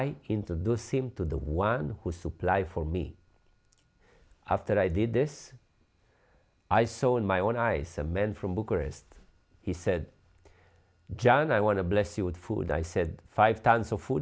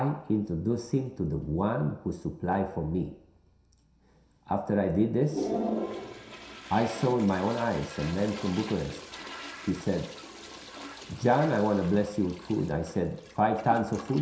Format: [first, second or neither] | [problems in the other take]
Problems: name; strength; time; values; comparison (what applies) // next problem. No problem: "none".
first | background sound (Toilet flush); 12 dB below the speech // room echo; dies away in 0.7 s